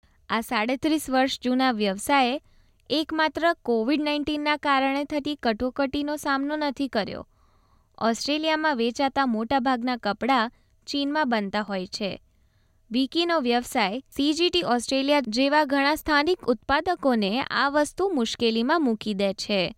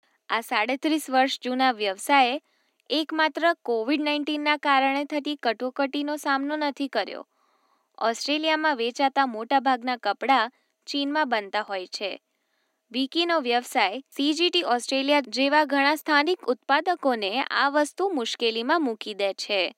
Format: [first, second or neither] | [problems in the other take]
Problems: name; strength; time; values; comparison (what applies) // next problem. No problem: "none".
first | thin; very slightly; fading below 250 Hz